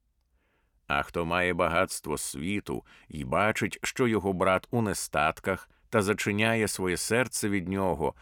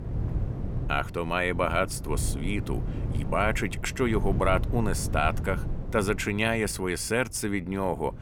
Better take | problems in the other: first | wind noise on the microphone; occasional gusts; 15 dB below the speech

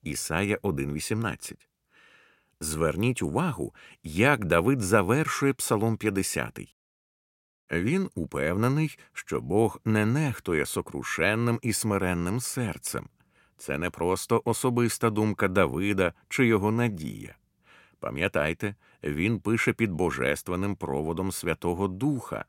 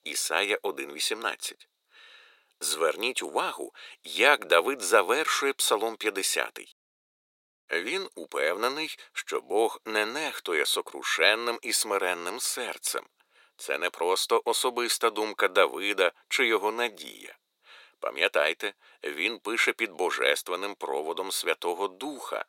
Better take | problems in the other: first | thin; very; fading below 400 Hz

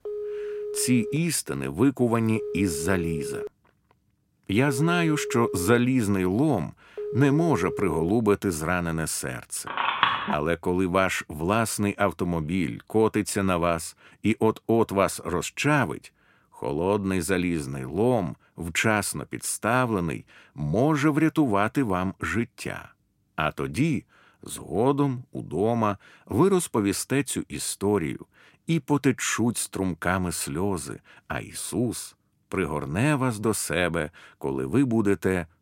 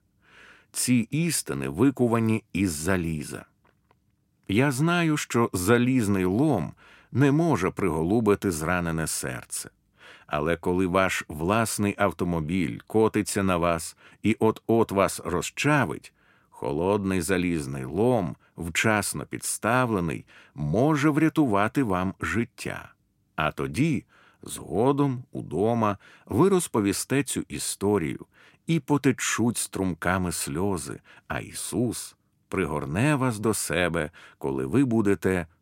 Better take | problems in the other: second | phone ringing; noticeable; until 8 s; peak 7 dB below the speech // phone ringing; loud; at 9.5 s; peak 2 dB above the speech

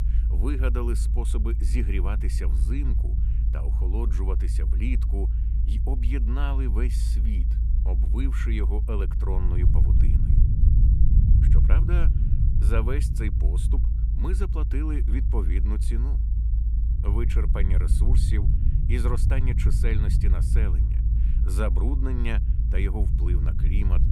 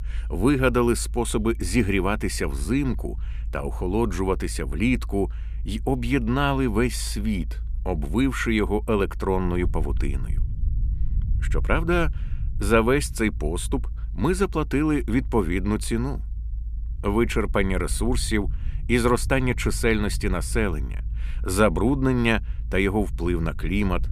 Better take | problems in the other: second | low rumble; loud; throughout; 5 dB below the speech; faint in the second

